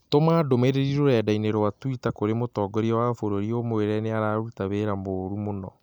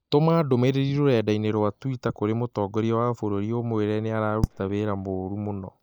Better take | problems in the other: first | noise reduction (neural mask model DeepFilterNet 3)

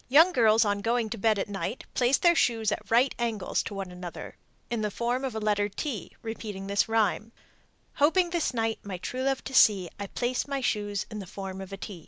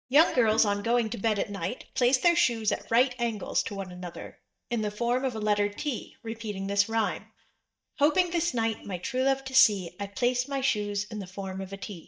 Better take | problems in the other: first | noise reduction (neural mask model DeepFilterNet 3)

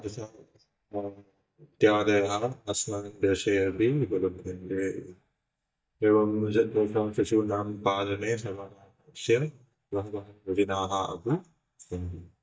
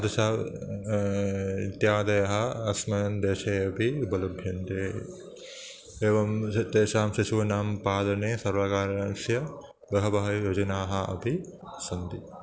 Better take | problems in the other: second | noise reduction (neural mask model DeepFilterNet 3)

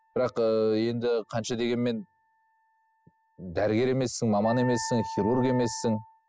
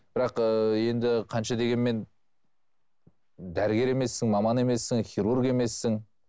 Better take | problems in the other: second | noise reduction (classical method spectral subtraction)

